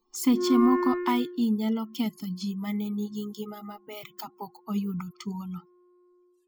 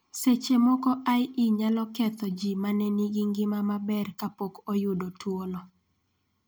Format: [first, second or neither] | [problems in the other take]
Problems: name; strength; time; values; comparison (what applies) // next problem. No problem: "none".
second | noise reduction (classical method spectral subtraction)